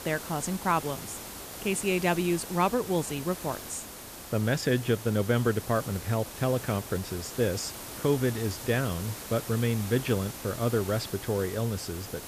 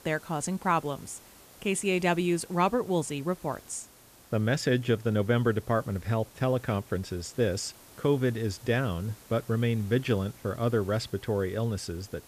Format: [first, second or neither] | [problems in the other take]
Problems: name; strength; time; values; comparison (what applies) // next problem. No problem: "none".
second | hiss; loud; throughout; 10 dB below the speech; faint in the second